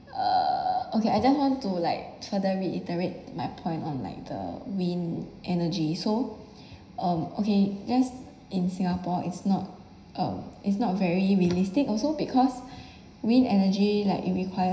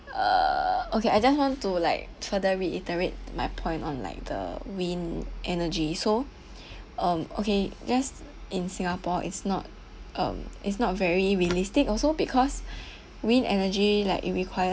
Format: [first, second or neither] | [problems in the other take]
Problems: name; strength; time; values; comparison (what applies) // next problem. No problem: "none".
second | room echo; dies away in 0.9 s